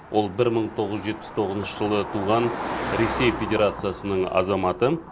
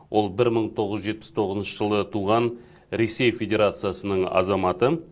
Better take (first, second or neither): second